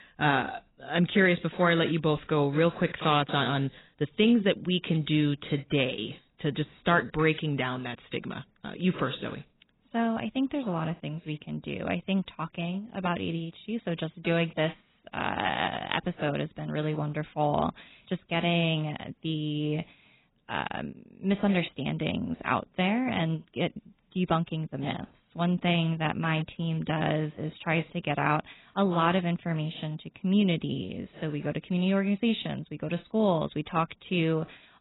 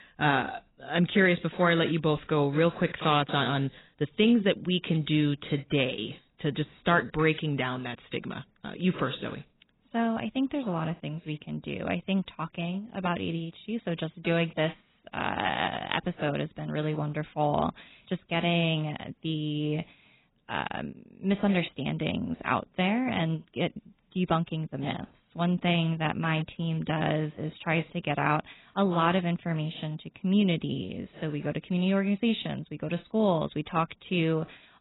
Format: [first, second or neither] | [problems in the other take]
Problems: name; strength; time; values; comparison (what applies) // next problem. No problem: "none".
neither | garbled, watery; badly; nothing above 4 kHz; the same in both